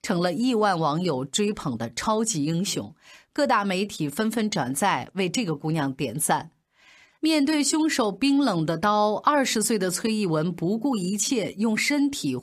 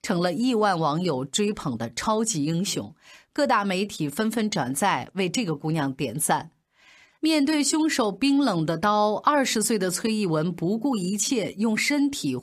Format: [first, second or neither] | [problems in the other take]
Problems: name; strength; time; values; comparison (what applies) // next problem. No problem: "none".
neither | none